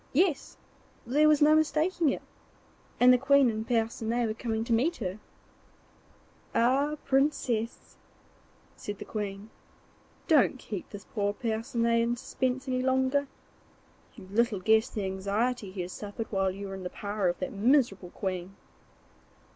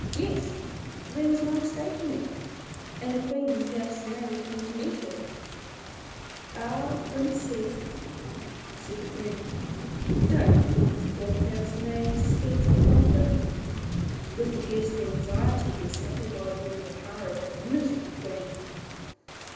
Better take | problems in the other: first | background sound (Thunder / Rain); 4 dB above the speech // room echo; dies away in 1.1 s

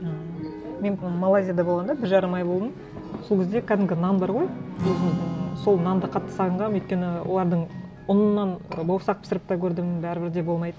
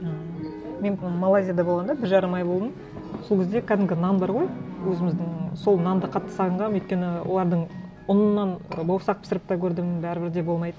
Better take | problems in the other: second | background sound (Strum); 16 dB below the speech

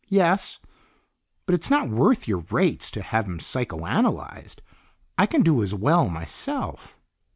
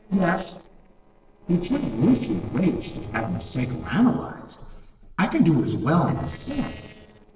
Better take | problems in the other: first | noise reduction (neural separator model SepFormer DNS4)

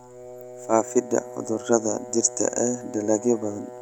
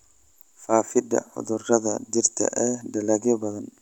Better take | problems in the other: second | background sound (Brass instrument); 14 dB below the speech

